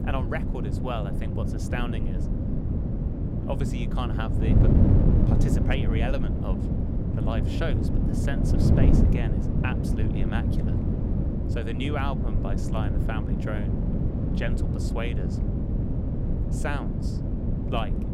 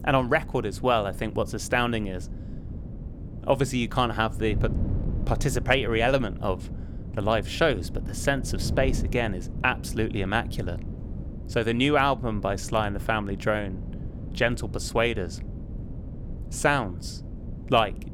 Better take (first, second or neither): second